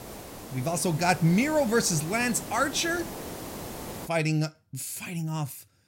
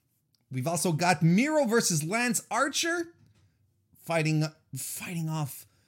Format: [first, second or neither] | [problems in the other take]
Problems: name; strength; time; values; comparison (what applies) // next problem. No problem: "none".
second | hiss; noticeable; until 4 s; 10 dB below the speech